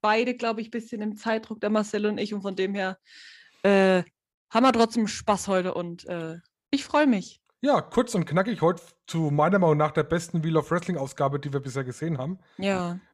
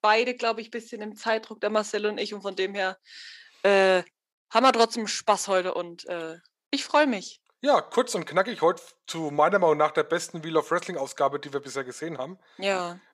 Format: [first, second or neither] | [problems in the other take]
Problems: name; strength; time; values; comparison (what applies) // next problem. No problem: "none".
first | thin; somewhat; fading below 400 Hz